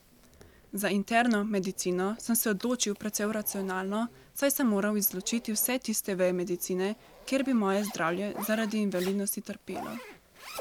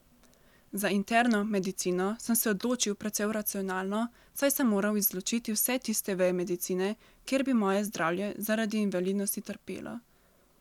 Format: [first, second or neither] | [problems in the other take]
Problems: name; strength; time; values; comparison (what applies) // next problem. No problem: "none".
second | background sound (Zipper (clothing)); 19 dB below the speech